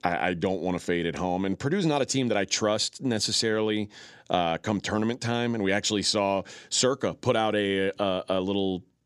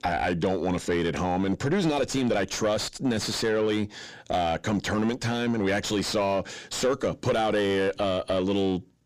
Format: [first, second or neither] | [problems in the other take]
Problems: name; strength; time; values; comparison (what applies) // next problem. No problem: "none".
first | distortion; heavy; 6 dB below the speech